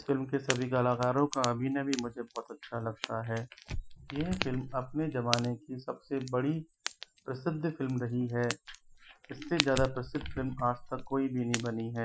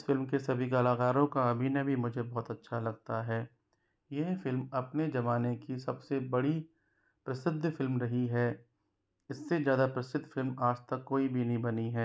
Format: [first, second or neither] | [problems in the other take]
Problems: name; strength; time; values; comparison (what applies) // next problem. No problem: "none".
second | noise reduction (classical method Wiener filter)